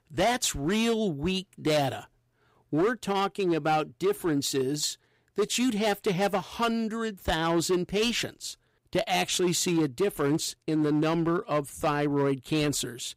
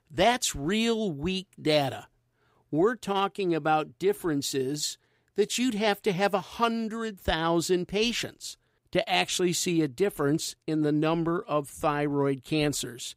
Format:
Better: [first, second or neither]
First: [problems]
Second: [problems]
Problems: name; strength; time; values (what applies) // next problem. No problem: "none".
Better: second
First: distortion; slight; 8% of the sound clipped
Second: none